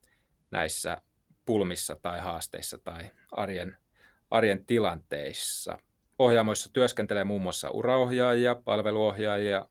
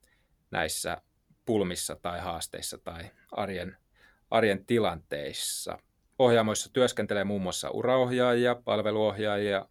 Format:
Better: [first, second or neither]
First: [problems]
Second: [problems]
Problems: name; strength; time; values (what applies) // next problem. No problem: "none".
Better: second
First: garbled, watery; slightly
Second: none